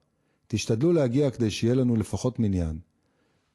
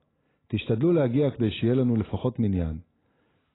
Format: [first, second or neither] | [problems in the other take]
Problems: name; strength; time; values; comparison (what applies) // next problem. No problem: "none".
first | garbled, watery; badly; nothing above 4 kHz; slightly in the first